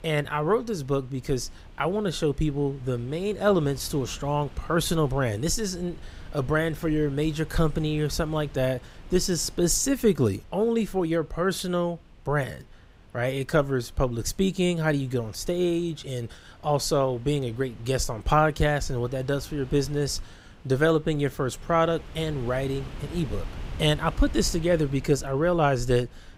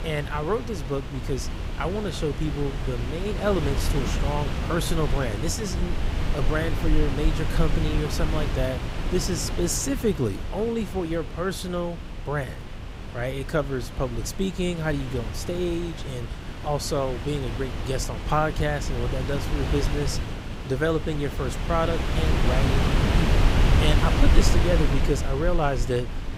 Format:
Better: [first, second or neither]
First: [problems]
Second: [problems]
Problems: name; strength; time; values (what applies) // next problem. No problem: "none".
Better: first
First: wind noise on the microphone; occasional gusts; 25 dB below the speech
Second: wind noise on the microphone; heavy; 4 dB below the speech